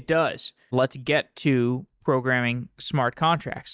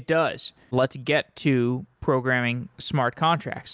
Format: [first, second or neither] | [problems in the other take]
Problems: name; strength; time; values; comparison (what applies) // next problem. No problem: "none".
second | noise reduction (neural mask model DeepFilterNet 3)